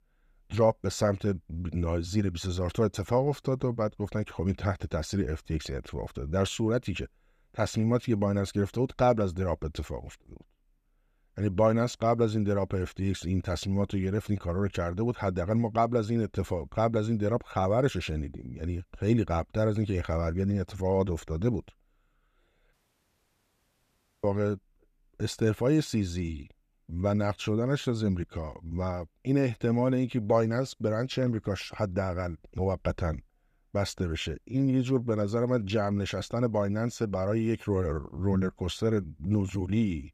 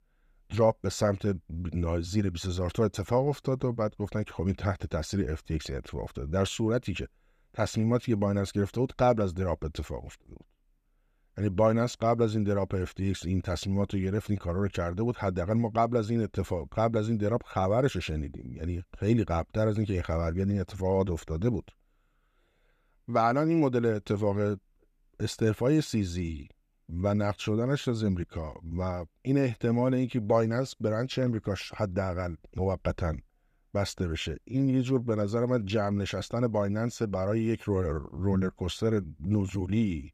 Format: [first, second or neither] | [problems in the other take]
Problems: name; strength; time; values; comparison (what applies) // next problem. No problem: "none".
second | audio cutting out; at 23 s for 1.5 s